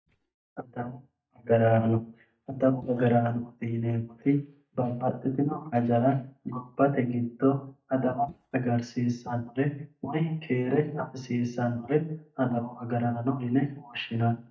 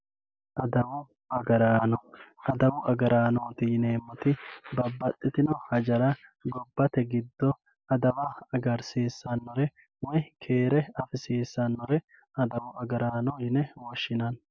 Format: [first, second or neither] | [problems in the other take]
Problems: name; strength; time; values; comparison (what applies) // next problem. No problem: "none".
second | noise reduction (neural mask model DeepFilterNet 3)